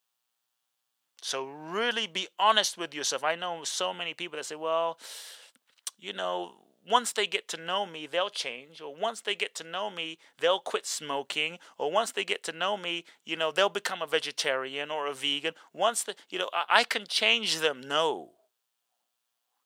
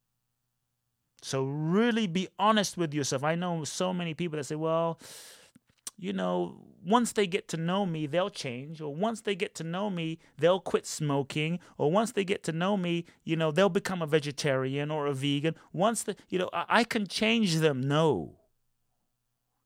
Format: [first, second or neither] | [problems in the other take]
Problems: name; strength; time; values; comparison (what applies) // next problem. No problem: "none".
second | thin; very; fading below 600 Hz